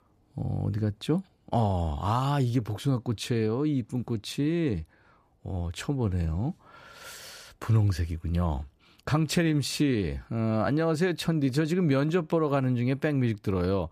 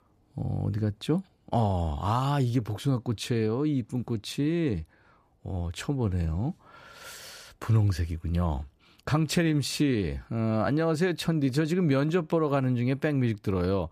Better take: neither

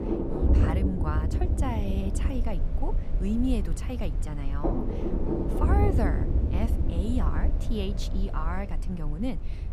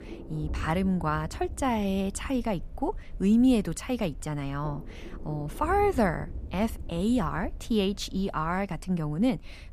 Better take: second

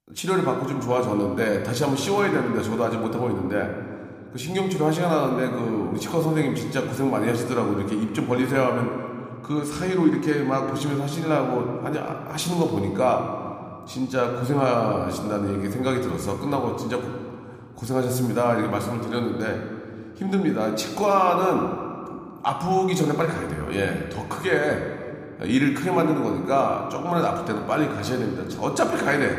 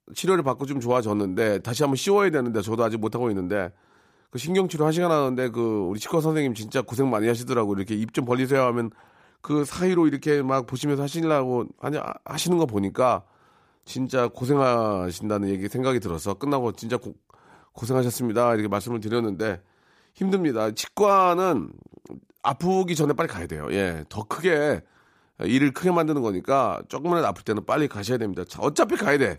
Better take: second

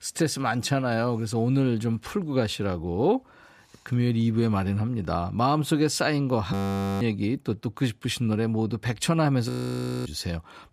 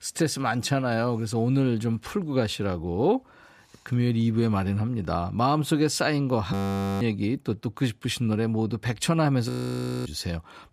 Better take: neither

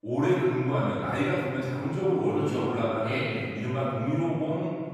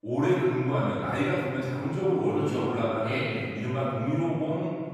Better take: neither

